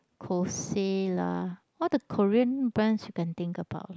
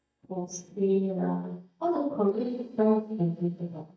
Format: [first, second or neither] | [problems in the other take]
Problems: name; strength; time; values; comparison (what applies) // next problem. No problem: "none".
first | noise reduction (neural mask model DeepFilterNet 3)